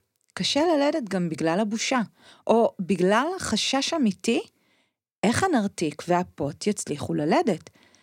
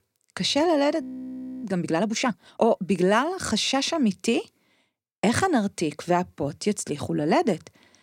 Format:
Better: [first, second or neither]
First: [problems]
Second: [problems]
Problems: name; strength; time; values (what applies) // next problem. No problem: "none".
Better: first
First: none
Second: audio freezing; at 1 s for 0.5 s